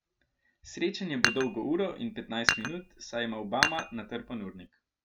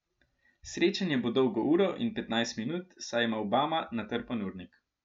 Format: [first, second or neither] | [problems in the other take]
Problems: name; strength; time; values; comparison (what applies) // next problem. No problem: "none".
second | background sound (Dishes, pots, and pans); 1 dB above the speech